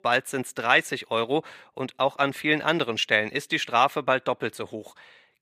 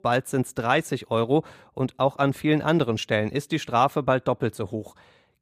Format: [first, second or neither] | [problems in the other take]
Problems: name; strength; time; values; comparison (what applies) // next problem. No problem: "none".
second | thin; somewhat; fading below 450 Hz